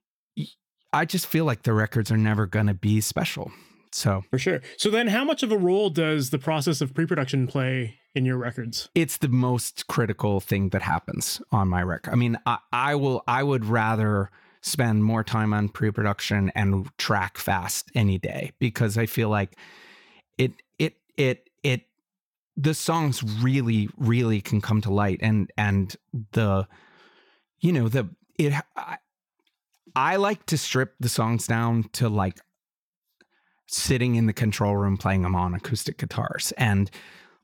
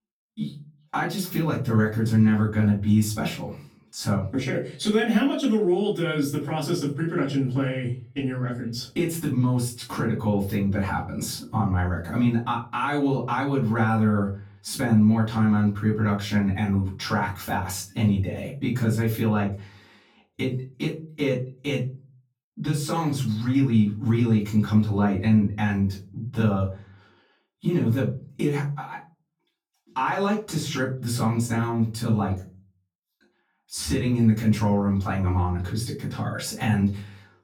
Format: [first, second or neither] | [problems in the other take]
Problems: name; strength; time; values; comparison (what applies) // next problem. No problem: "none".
first | off-mic speech; far // room echo; slight; dies away in 0.3 s